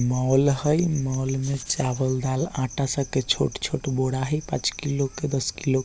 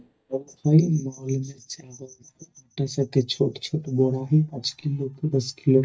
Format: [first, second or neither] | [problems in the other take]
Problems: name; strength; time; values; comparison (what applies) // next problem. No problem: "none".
first | noise reduction (neural mask model DeepFilterNet 3)